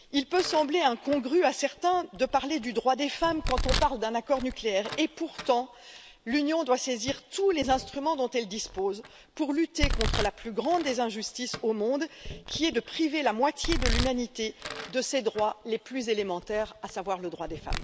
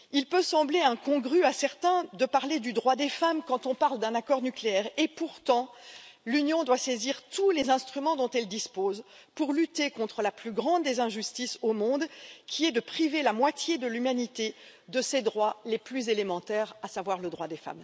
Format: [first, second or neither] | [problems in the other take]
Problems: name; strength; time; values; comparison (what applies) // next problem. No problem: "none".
second | background sound (Domestic sounds, home sounds); 8 dB below the speech